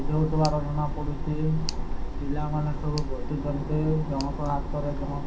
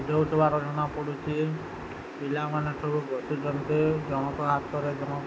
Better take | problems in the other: second | background sound (Tick); 1 dB below the speech // room echo; dies away in 0.3 s

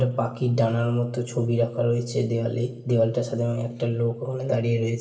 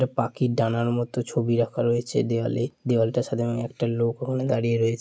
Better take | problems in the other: second | room echo; dies away in 0.7 s

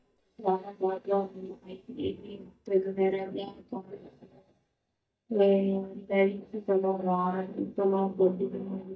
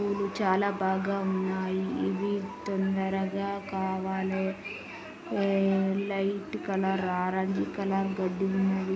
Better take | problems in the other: second | noise reduction (neural mask model DeepFilterNet 3)

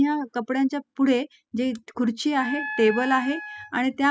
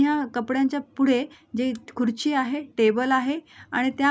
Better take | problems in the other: second | noise reduction (classical method spectral subtraction)

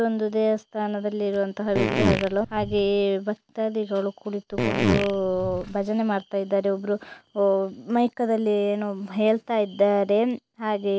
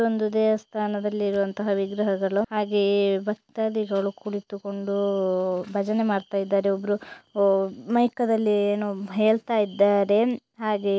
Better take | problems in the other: second | background sound (Fart); 2 dB below the speech

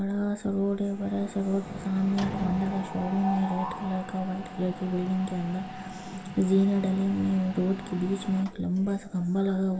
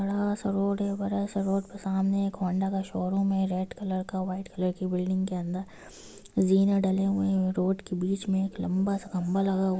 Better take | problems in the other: second | background sound (Mechanisms); 11 dB below the speech // room echo; dies away in 0.7 s

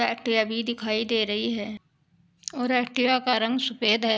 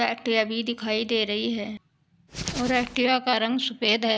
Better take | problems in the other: first | background sound (Hands); 10 dB below the speech

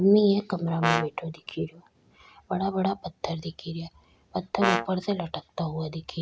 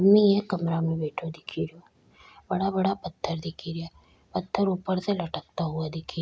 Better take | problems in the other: second | background sound (Brass instrument); 2 dB below the speech

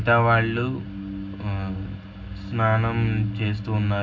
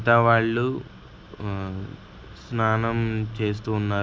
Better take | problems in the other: second | background sound (Organ); 12 dB below the speech // room echo; dies away in 0.4 s

